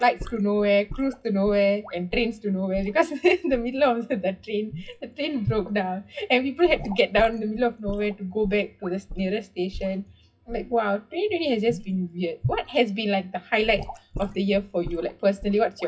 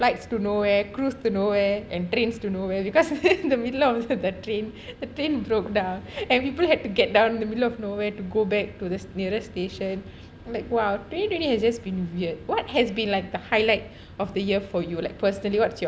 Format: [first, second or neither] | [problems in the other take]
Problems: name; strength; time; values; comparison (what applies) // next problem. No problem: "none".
second | noise reduction (classical method WPE with log-MMSE)